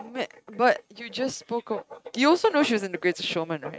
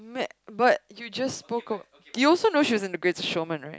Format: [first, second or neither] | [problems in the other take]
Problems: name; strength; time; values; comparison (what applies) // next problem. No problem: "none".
second | noise reduction (neural mask model RNNoise)